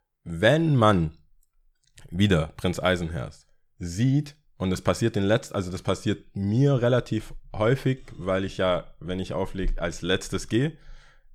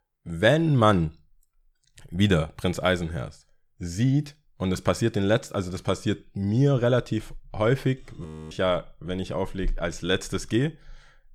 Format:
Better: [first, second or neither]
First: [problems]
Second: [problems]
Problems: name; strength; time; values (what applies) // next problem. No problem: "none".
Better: first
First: none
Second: audio freezing; at 8.5 s